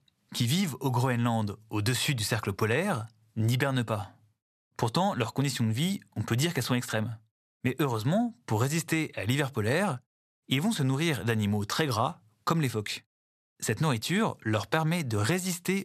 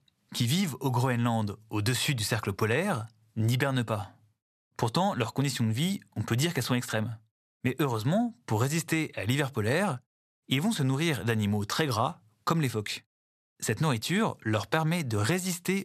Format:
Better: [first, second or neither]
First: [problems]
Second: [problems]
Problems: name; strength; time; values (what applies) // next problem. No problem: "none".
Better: neither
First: none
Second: none